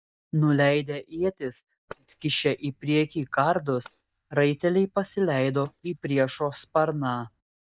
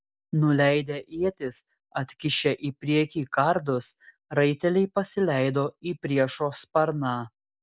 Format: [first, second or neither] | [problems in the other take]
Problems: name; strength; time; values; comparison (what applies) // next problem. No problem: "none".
second | noise reduction (neural mask model DeepFilterNet 3)